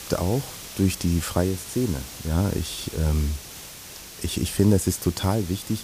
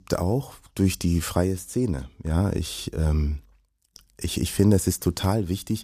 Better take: second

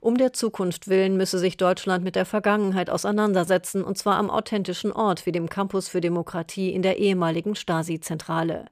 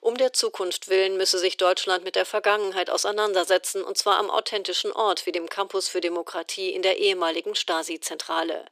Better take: first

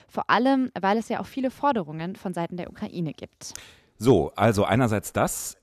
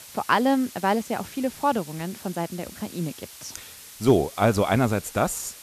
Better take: first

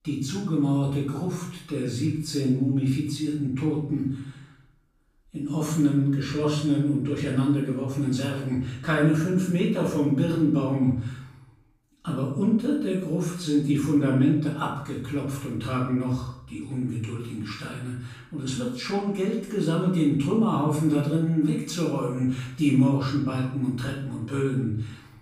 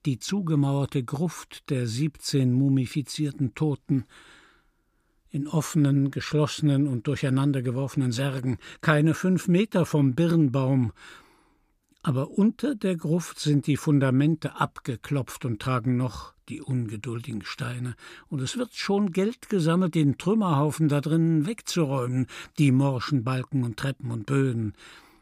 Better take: second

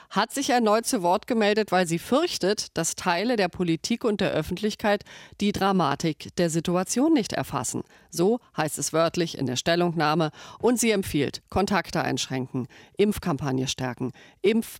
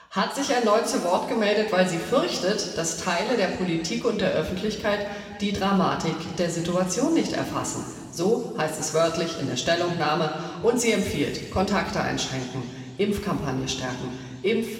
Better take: first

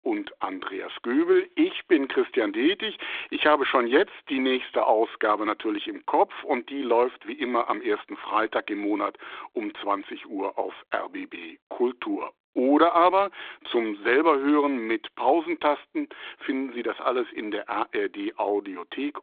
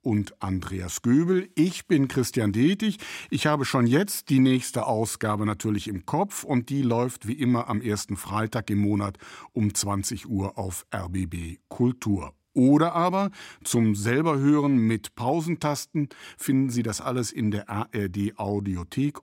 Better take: second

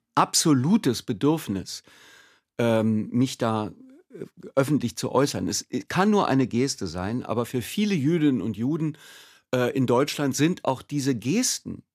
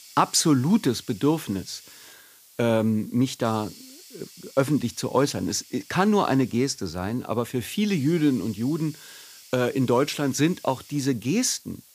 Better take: first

